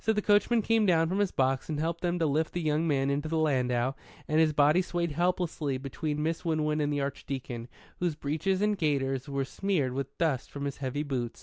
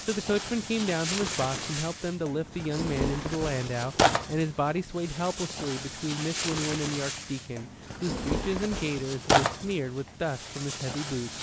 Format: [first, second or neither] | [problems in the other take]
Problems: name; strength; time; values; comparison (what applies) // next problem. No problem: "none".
first | background sound (Tearing); 1 dB below the speech